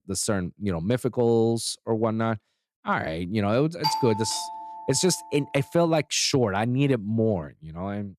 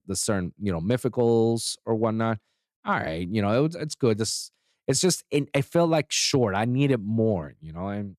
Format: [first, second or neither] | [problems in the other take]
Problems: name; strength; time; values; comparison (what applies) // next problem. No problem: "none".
second | doorbell; noticeable; at 4 s; peak 2 dB below the speech